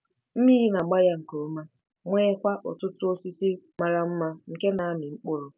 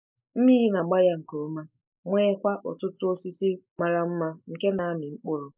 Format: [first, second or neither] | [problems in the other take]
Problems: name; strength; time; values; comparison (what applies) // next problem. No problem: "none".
first | noise reduction (neural mask model Resemble Enhance denoiser)